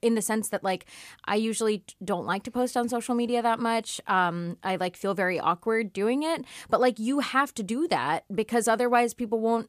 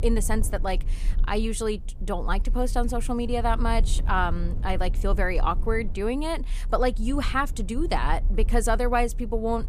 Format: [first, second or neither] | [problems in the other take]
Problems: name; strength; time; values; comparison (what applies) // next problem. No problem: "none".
first | low rumble; faint; throughout; 20 dB below the speech